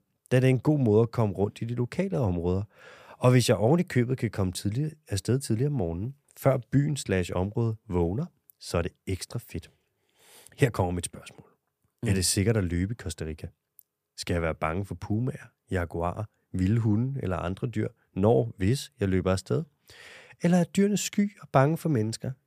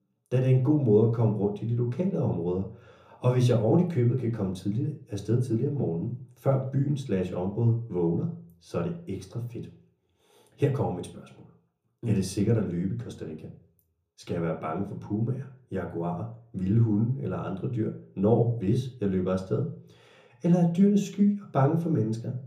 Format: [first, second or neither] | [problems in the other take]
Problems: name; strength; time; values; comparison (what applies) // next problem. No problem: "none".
first | room echo; slight; dies away in 0.6 s // off-mic speech; far